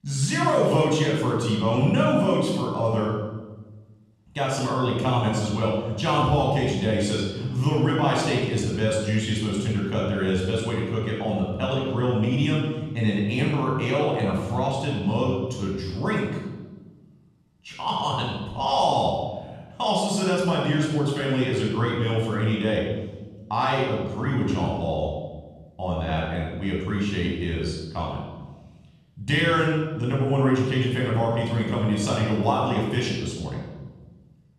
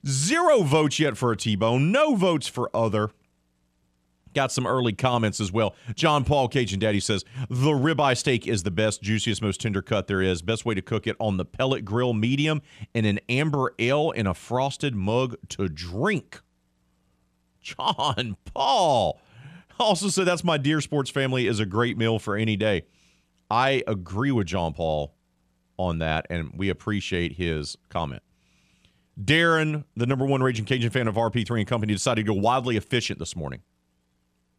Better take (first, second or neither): second